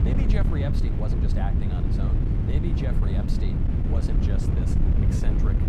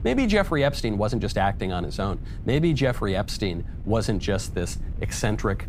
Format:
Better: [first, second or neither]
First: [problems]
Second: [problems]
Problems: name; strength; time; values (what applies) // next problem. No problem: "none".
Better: second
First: wind noise on the microphone; heavy; 3 dB above the speech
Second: wind noise on the microphone; occasional gusts; 20 dB below the speech